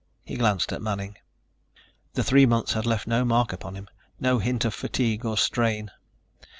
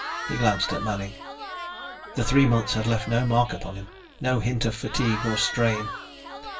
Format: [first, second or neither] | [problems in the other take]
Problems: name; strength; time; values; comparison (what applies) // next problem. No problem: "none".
first | background sound (Crowd / Cheering); 10 dB below the speech // room echo; dies away in 0.2 s